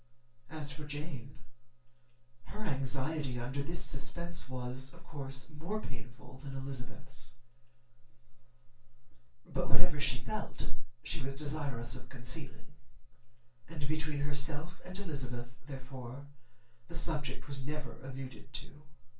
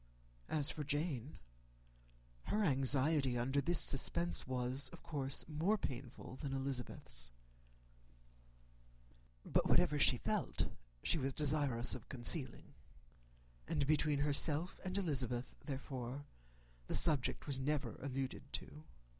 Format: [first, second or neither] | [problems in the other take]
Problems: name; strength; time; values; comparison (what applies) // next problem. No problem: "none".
second | room echo; dies away in 0.2 s